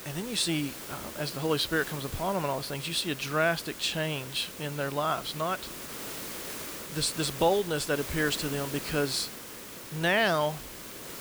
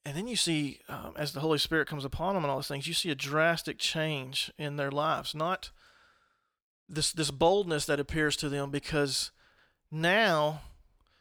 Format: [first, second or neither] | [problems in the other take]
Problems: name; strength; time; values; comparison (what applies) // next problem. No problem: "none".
second | hiss; loud; throughout; 9 dB below the speech